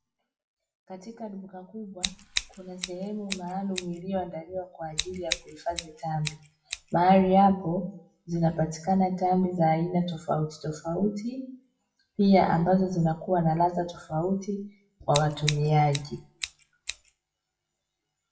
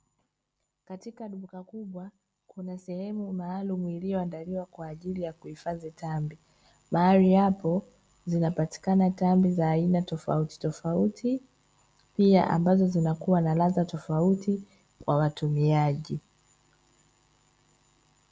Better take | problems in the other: second | noise reduction (classical method WPE with log-MMSE)

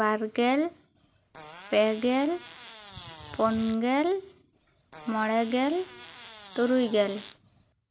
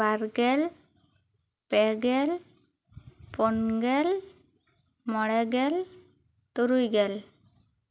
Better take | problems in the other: second | background sound (Fart); 19 dB below the speech

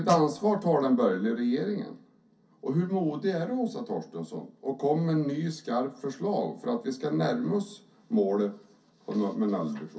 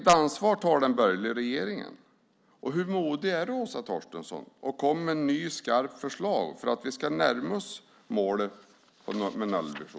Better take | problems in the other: second | room echo; dies away in 0.3 s

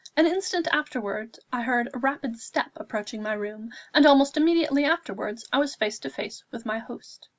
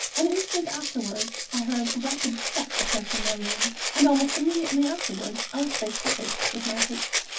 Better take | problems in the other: first | background sound (Rattle (instrument)); 1 dB below the speech // room echo; dies away in 0.3 s

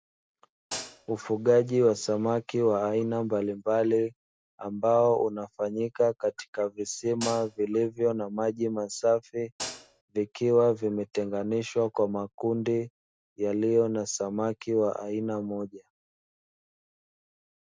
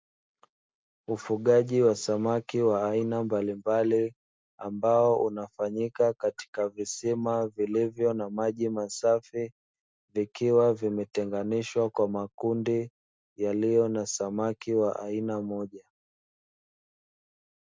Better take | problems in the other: second | background sound (Hi-hat); 10 dB below the speech

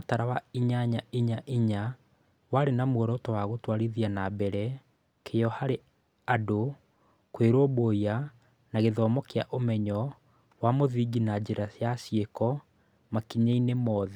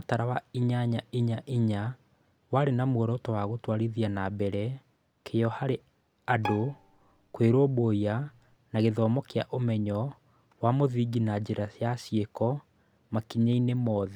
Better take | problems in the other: first | background sound (Bowed string instrument); 14 dB below the speech

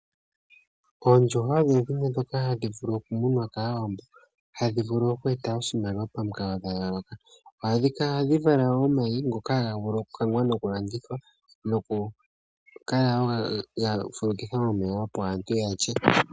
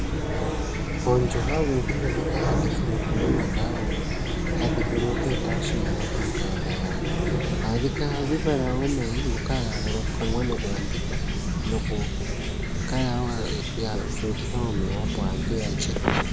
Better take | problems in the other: first | background sound (Chirp, tweet / Fowl); 4 dB above the speech

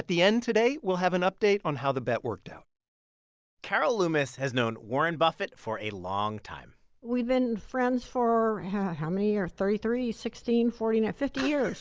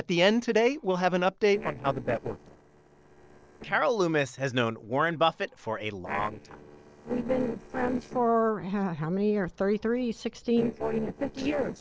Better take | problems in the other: first | noise reduction (neural separator model SepFormer DNS4)

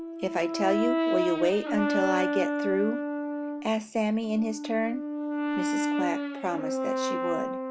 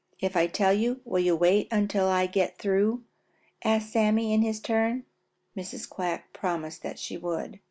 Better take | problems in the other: second | background sound (Brass instrument); as loud as the speech

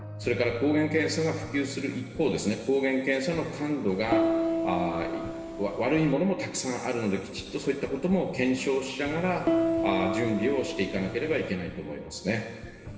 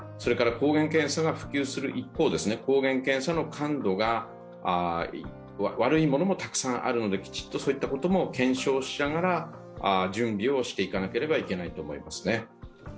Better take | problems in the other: second | background sound (Piano); 1 dB below the speech // room echo; dies away in 2.8 s

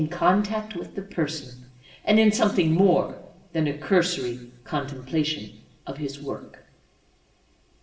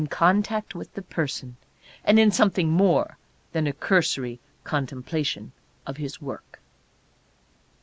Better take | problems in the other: second | room echo; dies away in 0.7 s

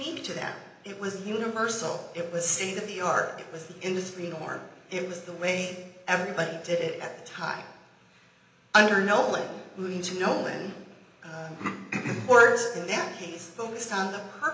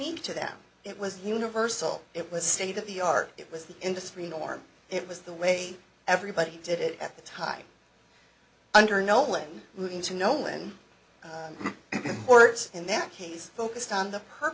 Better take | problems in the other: second | room echo; dies away in 0.9 s

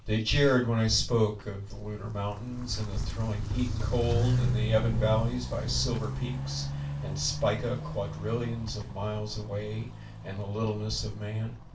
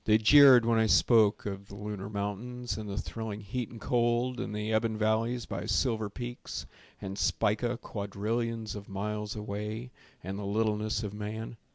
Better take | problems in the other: second | background sound (Walk, footsteps); 3 dB below the speech // room echo; dies away in 0.2 s

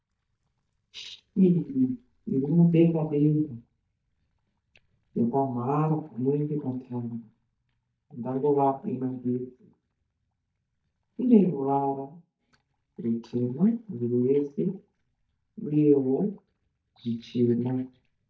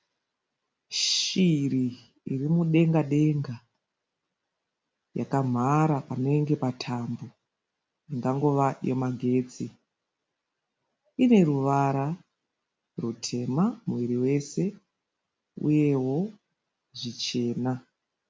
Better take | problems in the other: second | noise reduction (neural mask model DeepFilterNet 3)

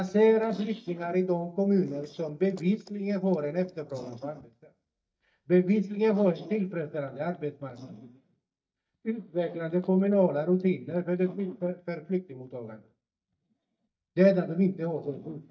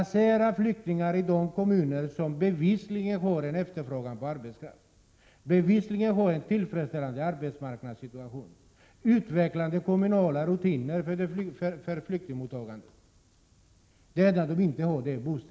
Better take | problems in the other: second | noise reduction (neural mask model DeepFilterNet 3)

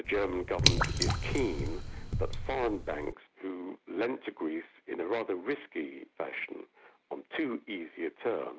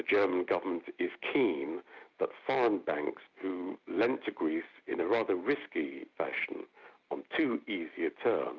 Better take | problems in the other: second | background sound (Drip / Water); 3 dB above the speech

